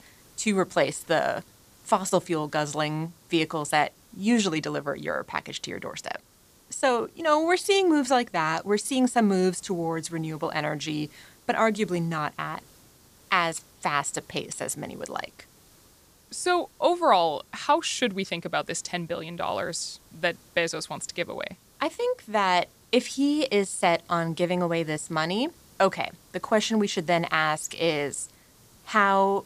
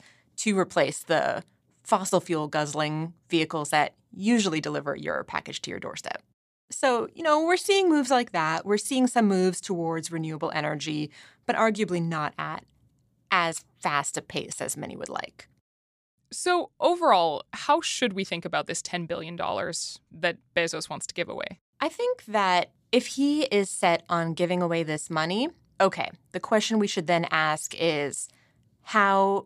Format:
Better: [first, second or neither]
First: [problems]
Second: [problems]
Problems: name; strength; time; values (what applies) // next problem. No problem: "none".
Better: second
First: hiss; faint; throughout; 30 dB below the speech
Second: none